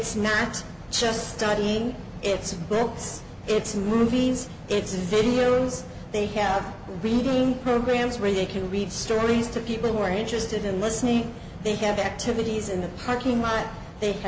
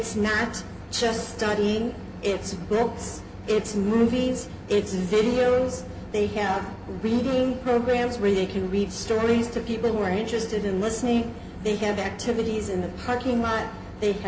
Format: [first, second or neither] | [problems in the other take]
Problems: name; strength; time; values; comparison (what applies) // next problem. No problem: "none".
first | background sound (Engine / Boat, Water vehicle); 19 dB below the speech // room echo; dies away in 0.3 s